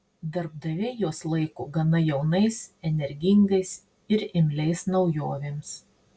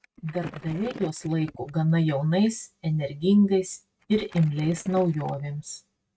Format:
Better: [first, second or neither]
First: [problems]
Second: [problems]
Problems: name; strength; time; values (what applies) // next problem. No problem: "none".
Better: first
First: none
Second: noise reduction (neural mask model RNNoise)